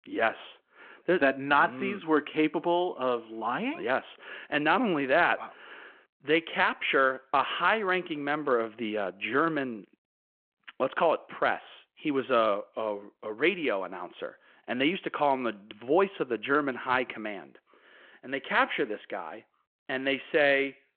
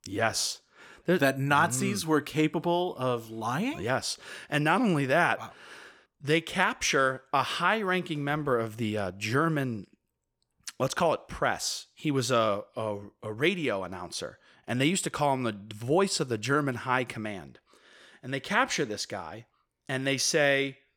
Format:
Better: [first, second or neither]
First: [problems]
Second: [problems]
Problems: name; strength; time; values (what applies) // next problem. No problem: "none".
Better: second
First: phone-call audio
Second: none